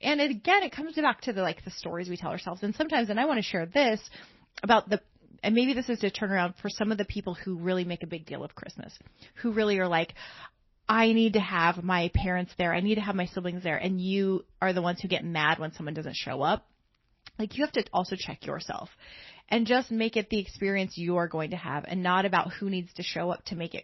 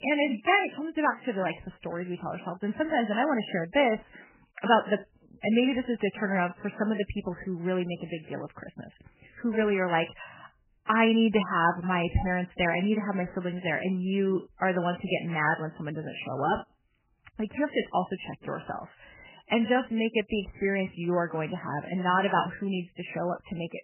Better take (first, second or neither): first